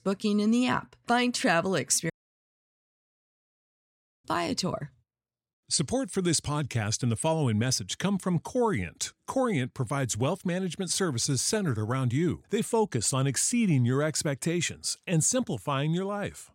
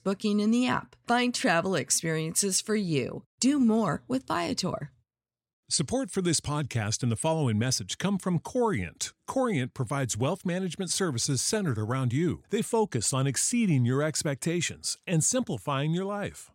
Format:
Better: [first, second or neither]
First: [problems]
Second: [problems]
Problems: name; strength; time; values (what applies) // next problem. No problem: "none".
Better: second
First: audio cutting out; at 2 s for 2 s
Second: none